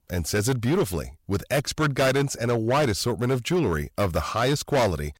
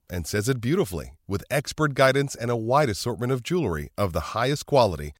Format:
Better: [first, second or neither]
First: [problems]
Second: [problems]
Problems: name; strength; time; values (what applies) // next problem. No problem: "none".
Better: second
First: distortion; heavy; 12% of the sound clipped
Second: none